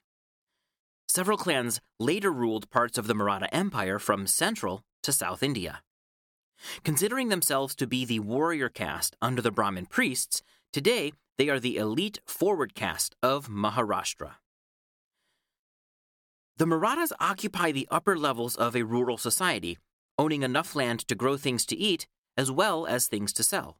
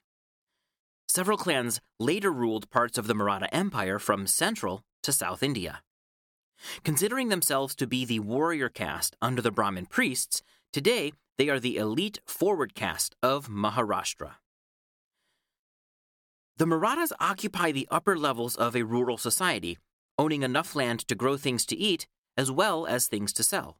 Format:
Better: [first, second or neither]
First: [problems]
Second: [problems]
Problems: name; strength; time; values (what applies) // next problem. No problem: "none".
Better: neither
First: none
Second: none